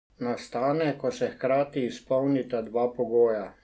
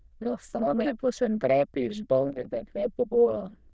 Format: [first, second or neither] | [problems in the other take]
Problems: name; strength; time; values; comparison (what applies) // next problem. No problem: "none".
first | noise reduction (neural diffusion model UNIVERSE++)